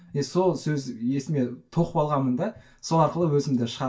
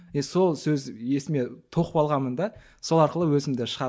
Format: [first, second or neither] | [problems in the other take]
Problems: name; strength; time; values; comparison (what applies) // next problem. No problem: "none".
second | room echo; dies away in 0.2 s